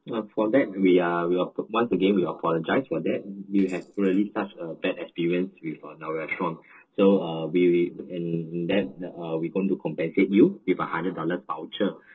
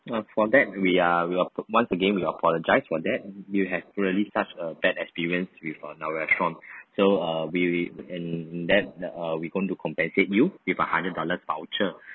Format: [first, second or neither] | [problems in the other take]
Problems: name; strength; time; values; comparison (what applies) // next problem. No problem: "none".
second | noise reduction (neural separator model SepFormer DNS4)